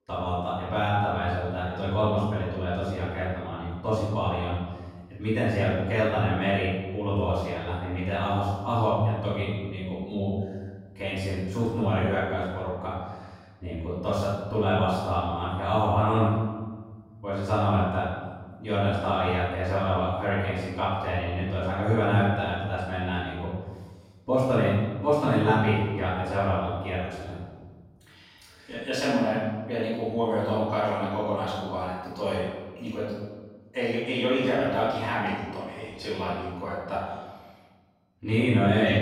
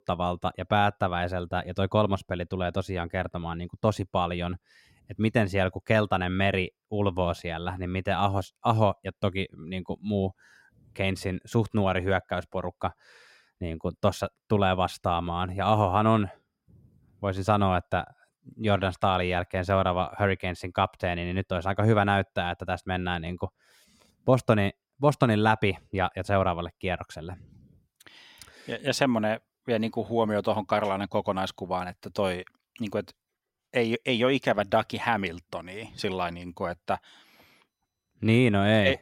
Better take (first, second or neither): second